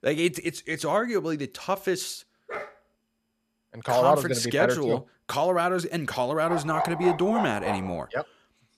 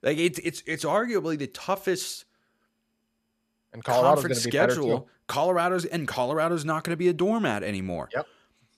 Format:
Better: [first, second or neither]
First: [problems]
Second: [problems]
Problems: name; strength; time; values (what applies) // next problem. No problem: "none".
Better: second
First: dog barking; faint; at 2.5 s; peak 10 dB below the speech // dog barking; noticeable; from 6.5 to 8 s; peak 3 dB below the speech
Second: none